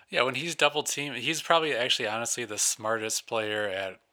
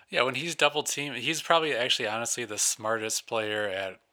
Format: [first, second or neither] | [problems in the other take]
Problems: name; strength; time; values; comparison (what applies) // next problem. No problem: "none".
neither | thin; somewhat; fading below 650 Hz; the same in both